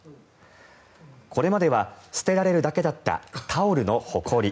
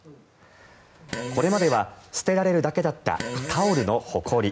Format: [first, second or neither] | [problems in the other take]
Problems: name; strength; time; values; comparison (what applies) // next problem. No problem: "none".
first | background sound (Fart); 11 dB below the speech